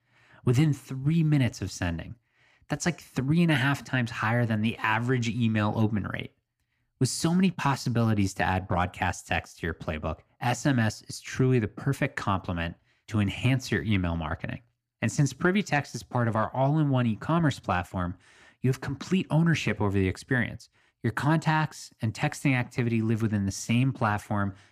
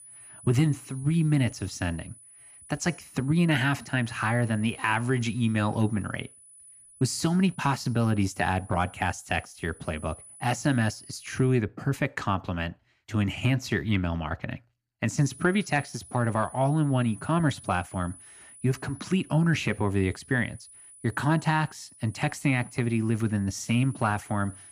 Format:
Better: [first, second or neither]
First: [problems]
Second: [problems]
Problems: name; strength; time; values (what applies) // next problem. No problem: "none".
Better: first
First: none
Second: high-pitched whine; noticeable; until 12 s and from 15 s on; 10 kHz, 20 dB below the speech